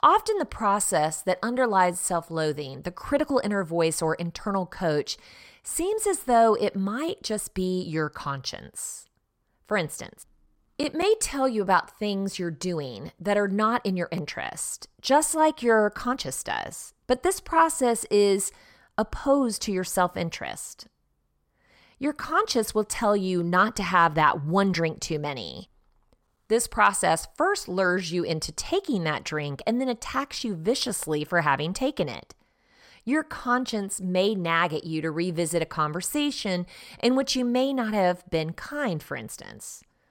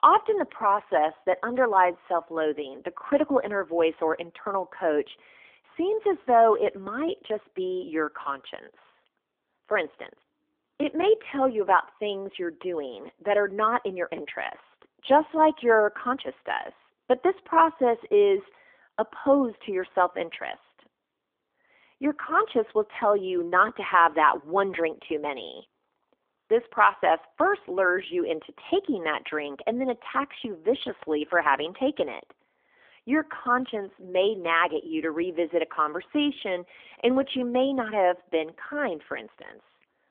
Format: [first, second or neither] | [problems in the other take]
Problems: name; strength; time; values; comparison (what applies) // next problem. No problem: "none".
first | phone-call audio; nothing above 3.5 kHz